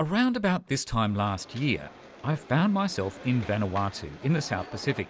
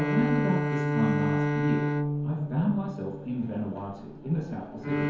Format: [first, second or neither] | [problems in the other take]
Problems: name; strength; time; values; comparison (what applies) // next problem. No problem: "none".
first | background sound (Bowed string instrument); 1 dB above the speech // room echo; dies away in 0.9 s